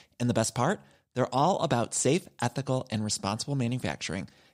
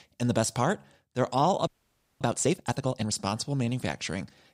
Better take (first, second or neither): first